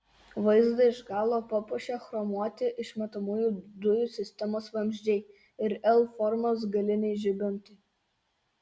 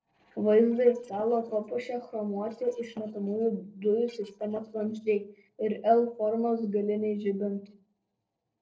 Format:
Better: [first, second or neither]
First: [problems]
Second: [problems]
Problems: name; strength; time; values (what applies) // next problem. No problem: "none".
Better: first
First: none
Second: noise reduction (neural separator model SepFormer DNS4)